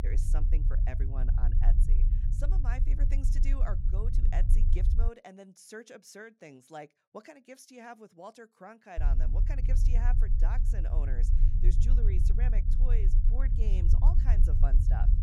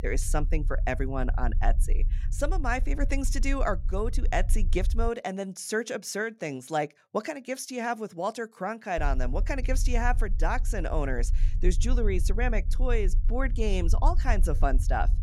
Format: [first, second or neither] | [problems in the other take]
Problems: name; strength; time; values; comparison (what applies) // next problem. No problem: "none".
second | low rumble; loud; until 5 s and from 9 s on; 4 dB below the speech; faint in the second